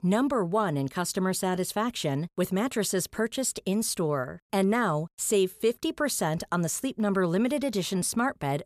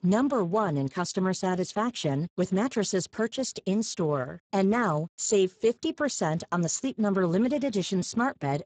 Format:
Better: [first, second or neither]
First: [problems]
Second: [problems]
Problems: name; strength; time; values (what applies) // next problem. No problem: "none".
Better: first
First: none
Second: garbled, watery; badly; nothing above 7.5 kHz